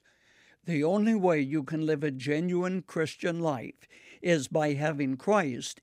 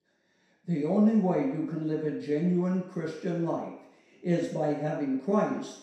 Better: first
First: none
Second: room echo; noticeable; dies away in 0.7 s // off-mic speech; far

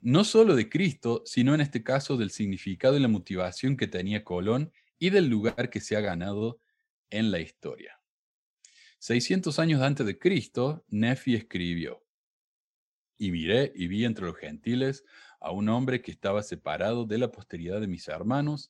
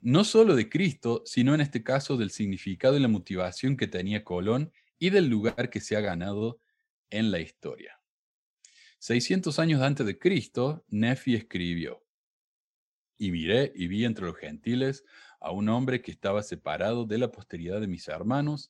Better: neither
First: none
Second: none

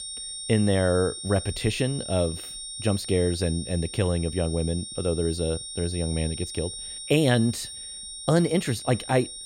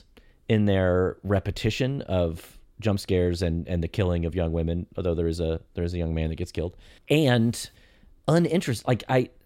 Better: second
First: high-pitched whine; loud; throughout; 9 kHz, 9 dB below the speech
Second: none

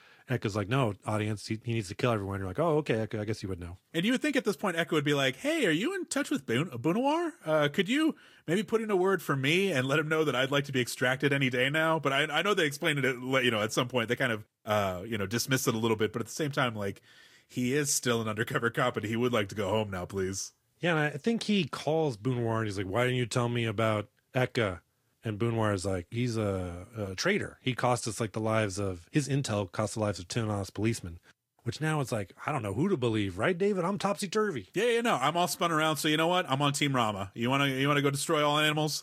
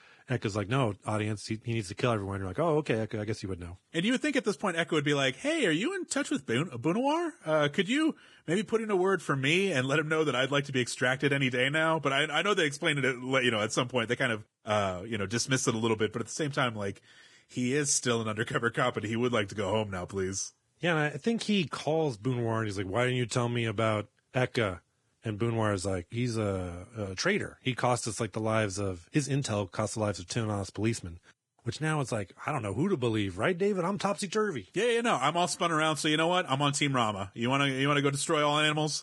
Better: first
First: garbled, watery; slightly; nothing above 14.5 kHz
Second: garbled, watery; badly; nothing above 10 kHz

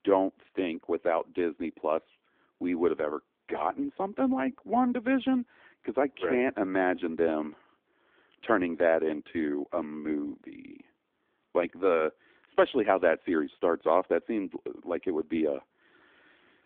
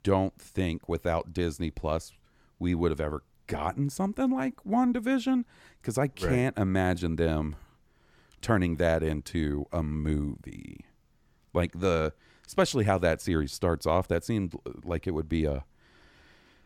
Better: second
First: phone-call audio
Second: none

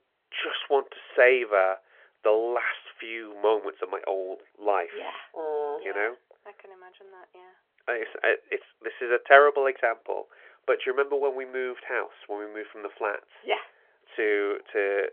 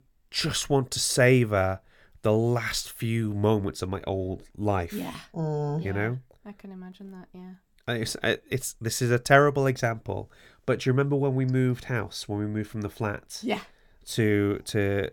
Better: second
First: phone-call audio; nothing above 3.5 kHz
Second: none

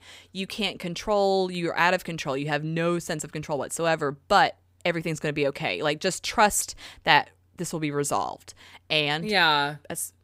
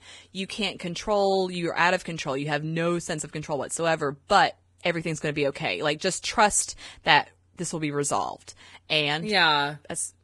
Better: first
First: none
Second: garbled, watery; badly; nothing above 10 kHz

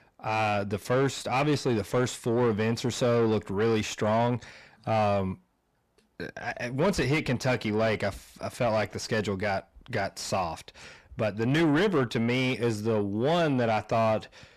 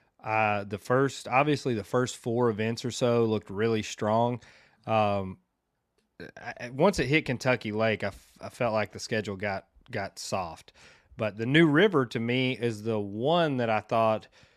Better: second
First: distortion; heavy; 7 dB below the speech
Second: none

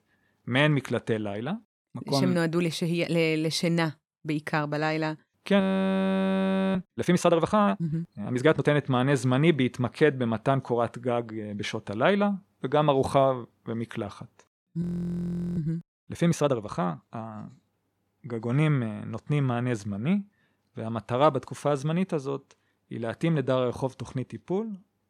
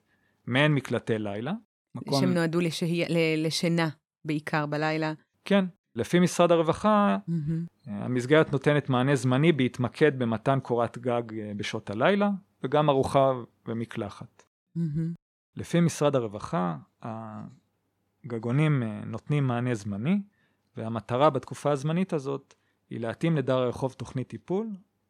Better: second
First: audio freezing; at 5.5 s for 1 s and at 15 s for 1 s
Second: none

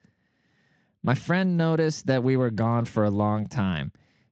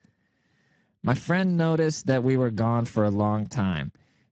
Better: first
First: garbled, watery; slightly; nothing above 16 kHz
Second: garbled, watery; badly; nothing above 16 kHz

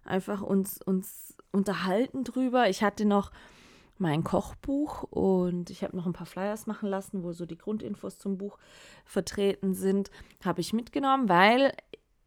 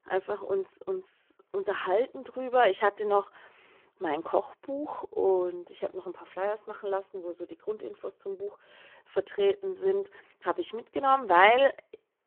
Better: first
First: none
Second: phone-call audio; poor line

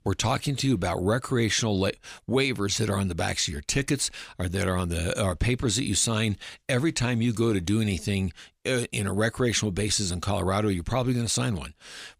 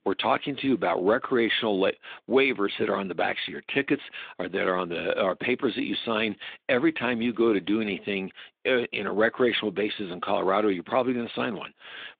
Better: first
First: none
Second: phone-call audio; nothing above 3.5 kHz

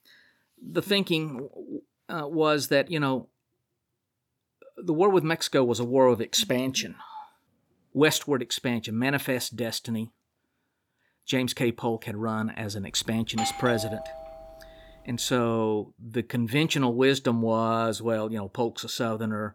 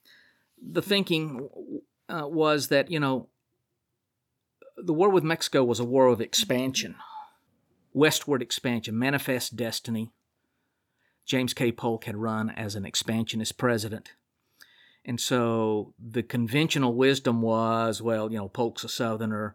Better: second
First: doorbell; noticeable; from 13 to 15 s; peak 5 dB below the speech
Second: none

